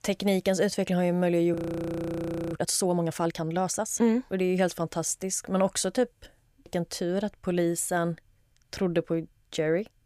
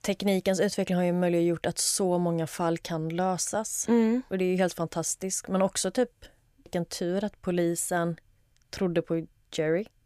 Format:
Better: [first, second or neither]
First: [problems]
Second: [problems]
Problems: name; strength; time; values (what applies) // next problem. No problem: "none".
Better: second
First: audio freezing; at 1.5 s for 1 s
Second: none